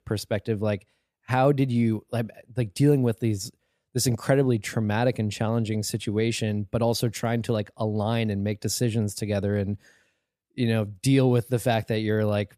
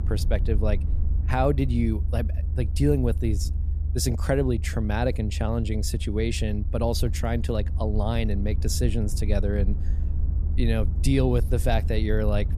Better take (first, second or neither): first